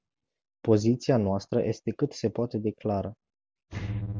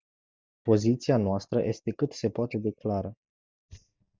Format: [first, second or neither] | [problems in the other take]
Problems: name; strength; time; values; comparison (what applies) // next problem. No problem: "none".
first | noise reduction (neural mask model DeepFilterNet 3)